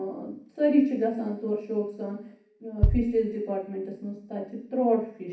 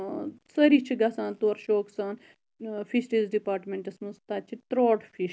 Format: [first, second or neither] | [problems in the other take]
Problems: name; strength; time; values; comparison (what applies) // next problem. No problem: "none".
second | background sound (Bass drum); 2 dB below the speech // room echo; dies away in 0.6 s